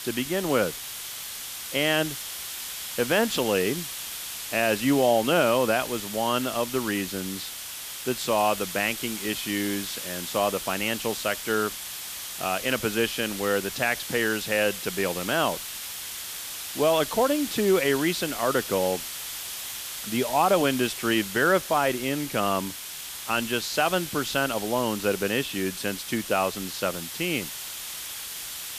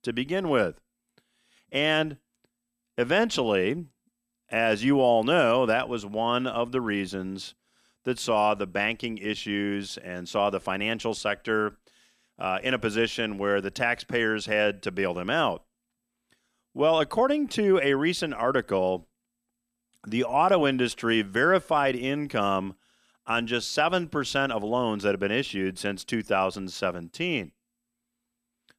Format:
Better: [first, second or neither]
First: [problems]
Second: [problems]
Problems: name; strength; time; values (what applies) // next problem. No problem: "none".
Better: second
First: hiss; loud; throughout; 7 dB below the speech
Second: none